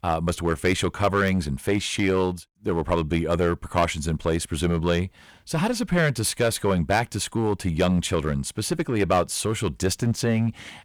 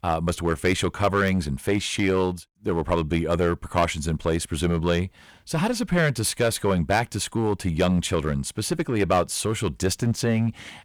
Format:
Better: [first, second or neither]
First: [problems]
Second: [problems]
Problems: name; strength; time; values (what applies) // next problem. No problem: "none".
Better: neither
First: distortion; slight; 5% of the sound clipped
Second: distortion; slight; 5% of the sound clipped